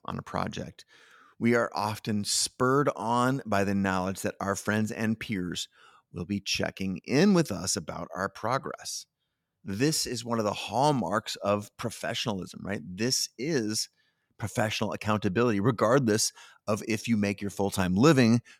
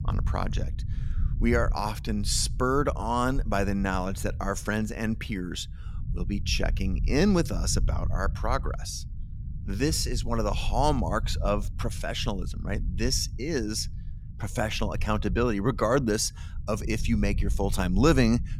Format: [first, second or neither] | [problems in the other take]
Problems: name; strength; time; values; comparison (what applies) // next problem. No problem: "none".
first | low rumble; faint; throughout; 20 dB below the speech